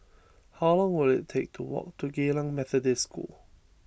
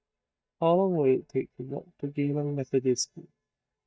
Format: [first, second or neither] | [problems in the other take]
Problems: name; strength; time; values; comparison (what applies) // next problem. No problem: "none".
first | noise reduction (neural mask model DeepFilterNet 3)